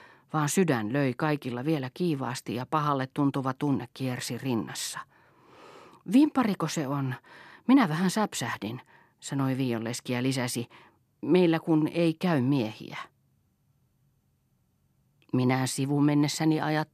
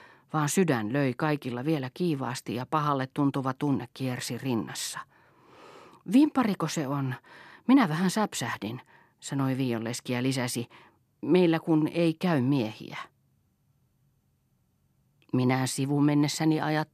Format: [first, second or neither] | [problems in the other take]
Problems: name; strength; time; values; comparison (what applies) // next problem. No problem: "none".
neither | none